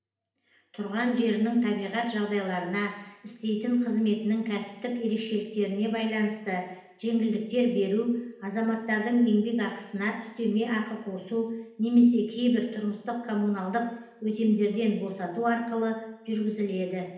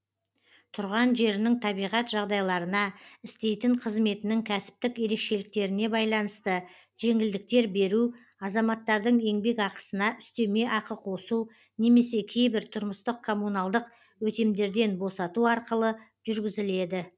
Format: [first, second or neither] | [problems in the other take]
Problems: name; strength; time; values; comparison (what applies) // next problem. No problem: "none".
second | room echo; dies away in 0.8 s